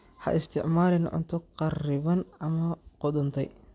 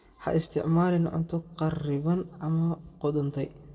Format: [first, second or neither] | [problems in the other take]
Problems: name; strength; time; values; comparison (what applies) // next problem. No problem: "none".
first | room echo; dies away in 1.4 s